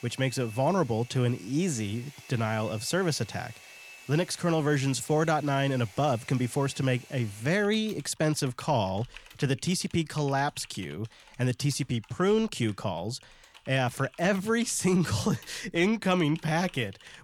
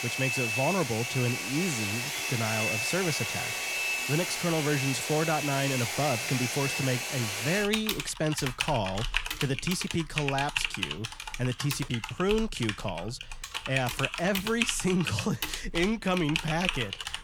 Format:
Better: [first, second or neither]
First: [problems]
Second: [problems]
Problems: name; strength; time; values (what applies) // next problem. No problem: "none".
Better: first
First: household noises; faint; throughout; 20 dB below the speech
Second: household noises; loud; throughout; 1 dB below the speech